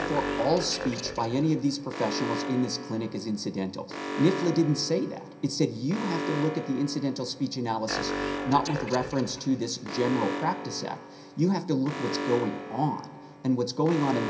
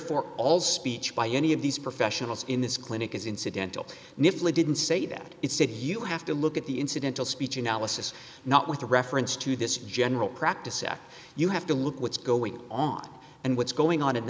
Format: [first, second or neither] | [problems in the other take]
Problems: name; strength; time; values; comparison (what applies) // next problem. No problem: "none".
second | background sound (Alarm); 7 dB below the speech // room echo; dies away in 0.3 s